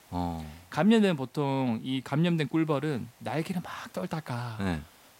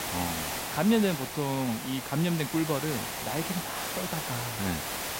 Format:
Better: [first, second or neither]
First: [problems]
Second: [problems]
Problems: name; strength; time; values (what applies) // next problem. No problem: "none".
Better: first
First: hiss; faint; throughout; 30 dB below the speech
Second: hiss; loud; throughout; 3 dB below the speech